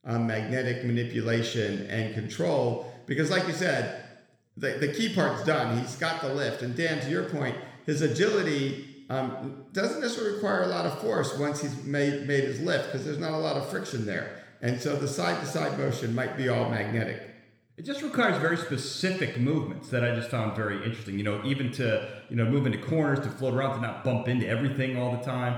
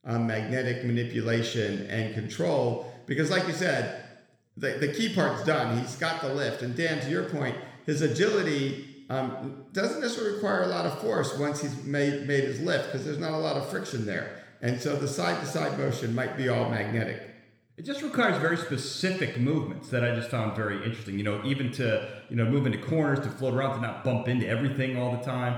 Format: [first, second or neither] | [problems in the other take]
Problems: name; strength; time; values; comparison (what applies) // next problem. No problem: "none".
neither | room echo; noticeable; dies away in 1 s; the same in both